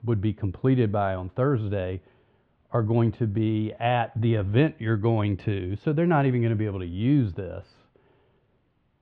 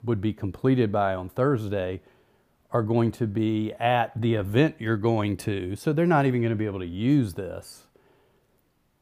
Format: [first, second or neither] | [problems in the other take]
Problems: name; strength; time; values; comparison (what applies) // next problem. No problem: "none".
second | muffled; slightly; fading above 3 kHz